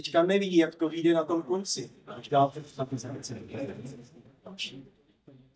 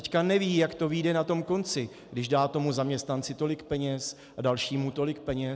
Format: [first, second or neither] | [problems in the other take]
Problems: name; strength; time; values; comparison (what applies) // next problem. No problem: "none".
second | noise reduction (neural mask model DeepFilterNet 3)